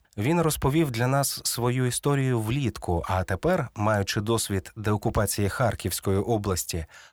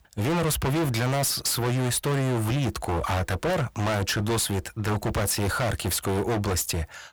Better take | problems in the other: first | distortion; heavy; 35% of the sound clipped

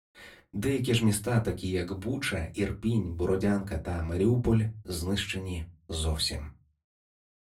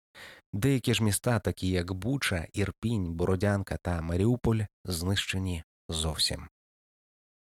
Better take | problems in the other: second | off-mic speech; far // room echo; very slight; dies away in 0.2 s

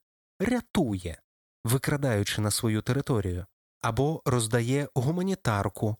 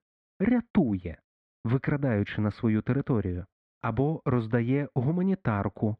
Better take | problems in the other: first | muffled; very; fading above 2.5 kHz

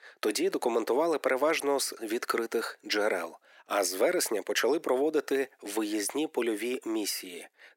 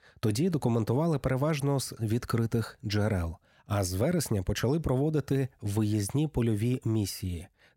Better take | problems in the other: second | thin; very; fading below 350 Hz

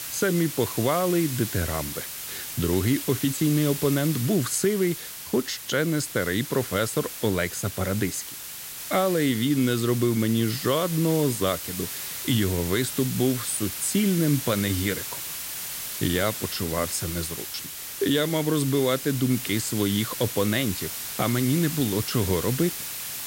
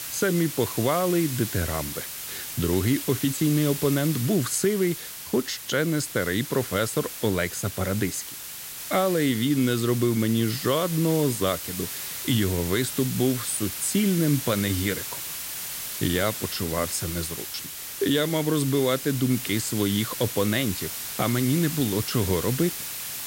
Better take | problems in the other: neither | hiss; loud; throughout; 6 dB below the speech; the same in both

